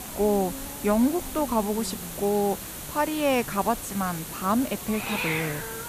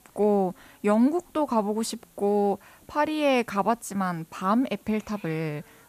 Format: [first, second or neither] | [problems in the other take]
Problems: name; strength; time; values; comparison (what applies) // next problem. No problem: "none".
second | hiss; loud; throughout; 6 dB below the speech; faint in the second